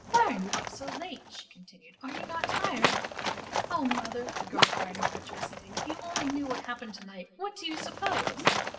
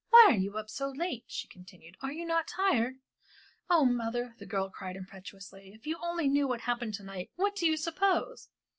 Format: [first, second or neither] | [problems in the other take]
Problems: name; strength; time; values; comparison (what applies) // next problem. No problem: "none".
second | background sound (Livestock, farm animals, working animals); 3 dB above the speech // room echo; dies away in 0.8 s